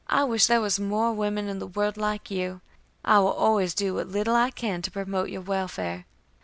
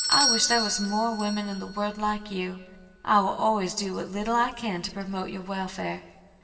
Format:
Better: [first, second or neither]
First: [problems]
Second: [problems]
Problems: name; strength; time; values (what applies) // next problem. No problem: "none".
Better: first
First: none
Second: background sound (Bell / Doorbell); 6 dB below the speech // room echo; dies away in 1.8 s